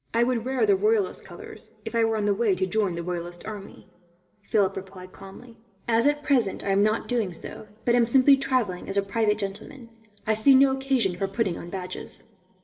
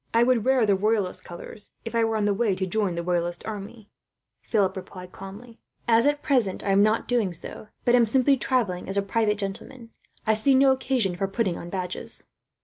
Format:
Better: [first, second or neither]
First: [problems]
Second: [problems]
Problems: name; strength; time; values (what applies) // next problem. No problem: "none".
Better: second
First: room echo; dies away in 1.3 s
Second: none